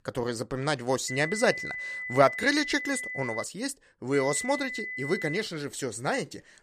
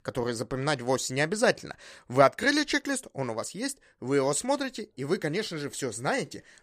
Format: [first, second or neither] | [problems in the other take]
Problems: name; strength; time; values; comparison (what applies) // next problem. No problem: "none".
second | high-pitched whine; loud; from 1 to 3.5 s and from 4 to 5.5 s; 2 kHz, 6 dB below the speech